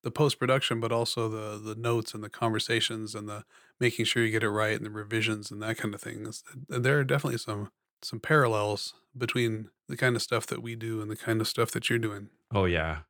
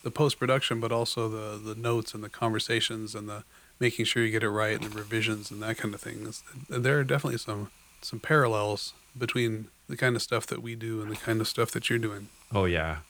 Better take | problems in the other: first | hiss; faint; throughout; 25 dB below the speech

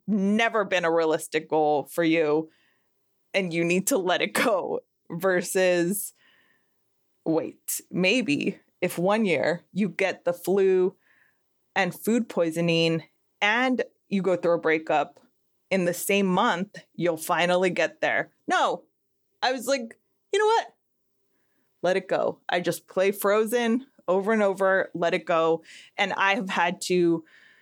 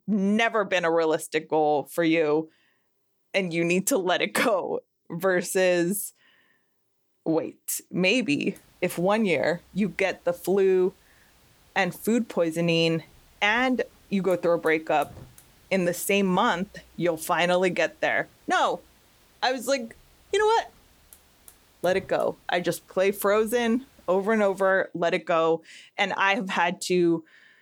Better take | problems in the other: first | hiss; faint; from 8.5 to 25 s; 30 dB below the speech

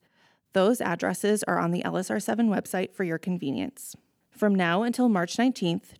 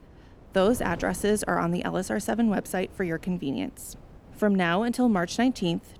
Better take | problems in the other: first | wind noise on the microphone; occasional gusts; 25 dB below the speech

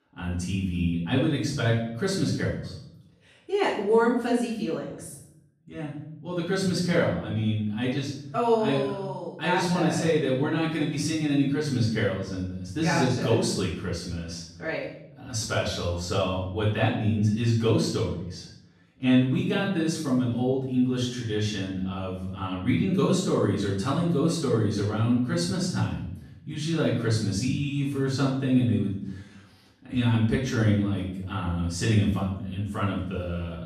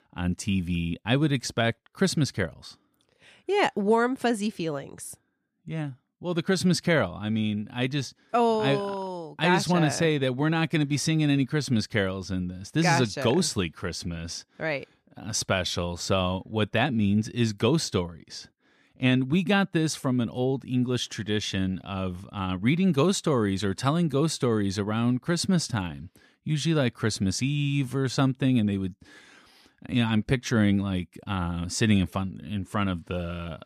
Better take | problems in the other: second | off-mic speech; far // room echo; noticeable; dies away in 0.7 s

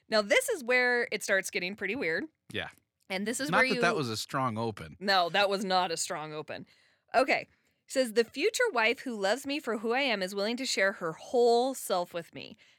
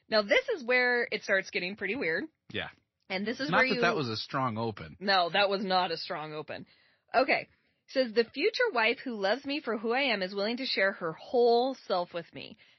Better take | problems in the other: first | garbled, watery; slightly; nothing above 5 kHz

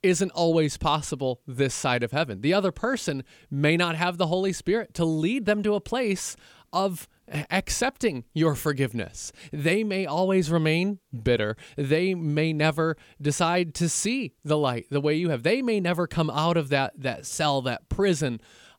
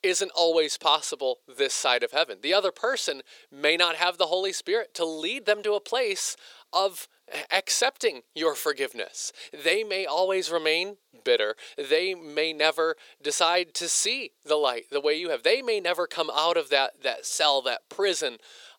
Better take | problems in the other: first | thin; very; fading below 450 Hz

